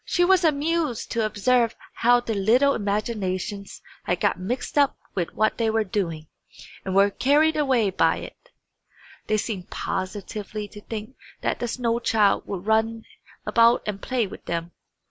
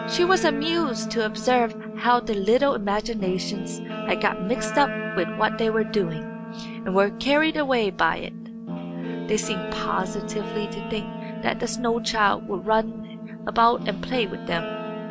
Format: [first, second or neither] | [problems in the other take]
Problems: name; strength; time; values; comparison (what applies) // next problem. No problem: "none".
first | background sound (Guitar); 7 dB below the speech